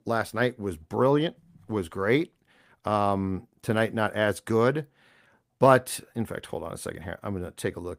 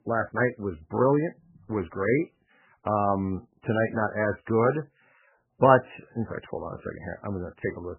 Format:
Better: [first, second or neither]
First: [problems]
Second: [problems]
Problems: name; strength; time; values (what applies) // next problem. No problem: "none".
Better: first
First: none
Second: garbled, watery; badly; nothing above 3 kHz